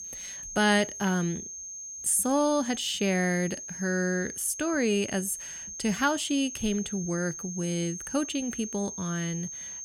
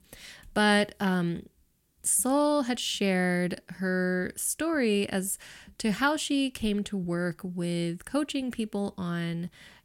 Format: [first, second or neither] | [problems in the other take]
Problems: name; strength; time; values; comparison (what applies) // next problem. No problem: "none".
second | high-pitched whine; loud; throughout; 6.5 kHz, 9 dB below the speech